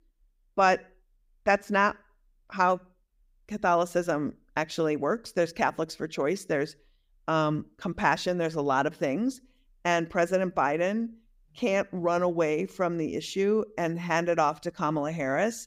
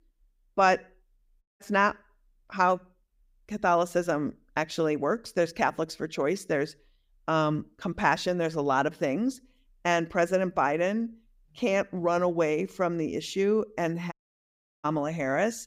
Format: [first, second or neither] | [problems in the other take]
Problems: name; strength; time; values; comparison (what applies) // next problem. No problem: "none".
first | audio cutting out; at 1.5 s and at 14 s for 0.5 s